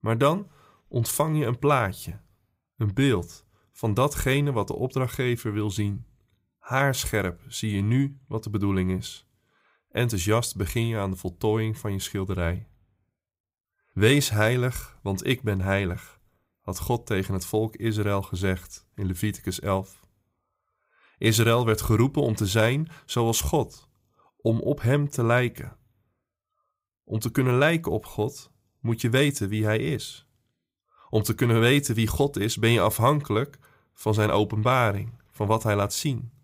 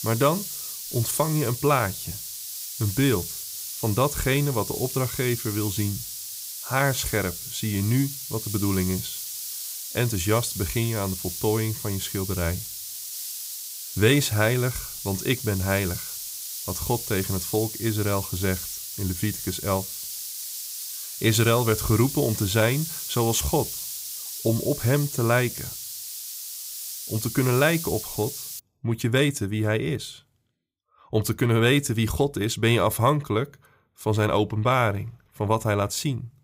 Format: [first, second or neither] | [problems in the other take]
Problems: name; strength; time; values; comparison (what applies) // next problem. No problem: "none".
first | hiss; loud; until 29 s; 7 dB below the speech